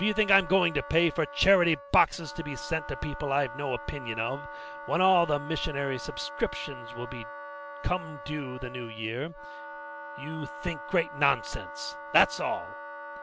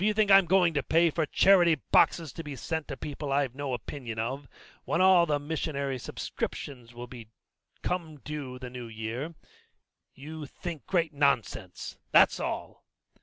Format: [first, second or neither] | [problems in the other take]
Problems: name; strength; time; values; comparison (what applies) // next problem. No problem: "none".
second | background sound (Wind instrument, woodwind instrument); 12 dB below the speech